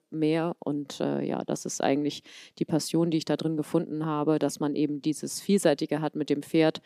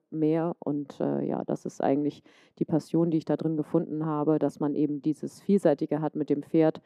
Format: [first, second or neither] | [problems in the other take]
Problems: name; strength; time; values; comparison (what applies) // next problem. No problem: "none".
first | muffled; very; fading above 2 kHz